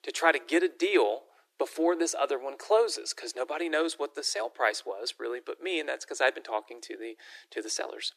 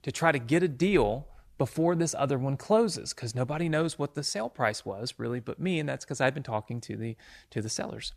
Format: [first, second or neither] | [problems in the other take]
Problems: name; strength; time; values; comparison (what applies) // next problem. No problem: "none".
second | thin; very; fading below 350 Hz